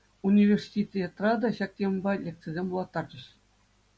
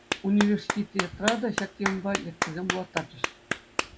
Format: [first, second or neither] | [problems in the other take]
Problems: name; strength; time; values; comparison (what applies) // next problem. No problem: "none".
first | background sound (Clapping); 3 dB below the speech